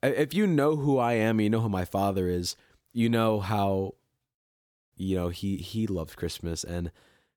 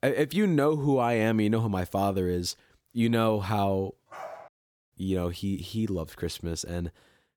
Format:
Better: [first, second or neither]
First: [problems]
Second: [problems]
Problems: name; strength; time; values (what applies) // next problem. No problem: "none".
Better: first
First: none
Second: dog barking; faint; at 4 s; peak 15 dB below the speech